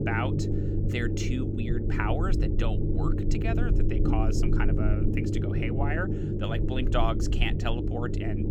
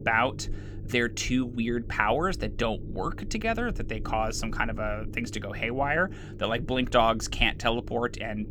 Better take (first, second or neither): second